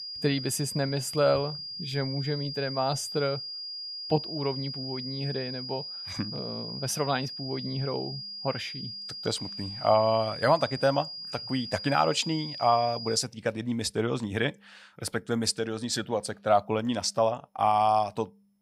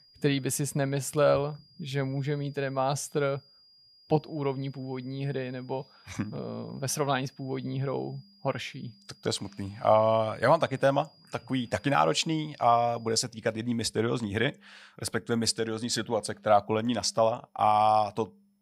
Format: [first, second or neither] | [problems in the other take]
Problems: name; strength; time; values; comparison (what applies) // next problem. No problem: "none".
second | high-pitched whine; loud; until 13 s; 5 kHz, 7 dB below the speech; faint in the second